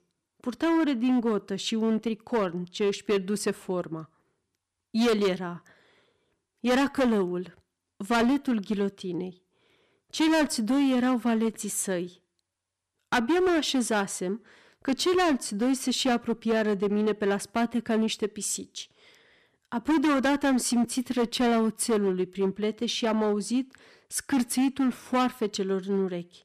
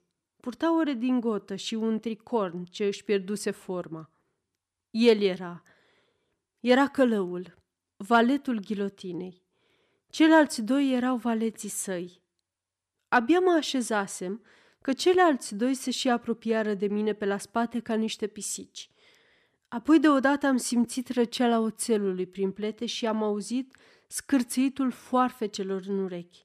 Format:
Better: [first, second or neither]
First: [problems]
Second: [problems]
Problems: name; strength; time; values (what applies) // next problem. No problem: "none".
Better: second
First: distortion; heavy; 10% of the sound clipped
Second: none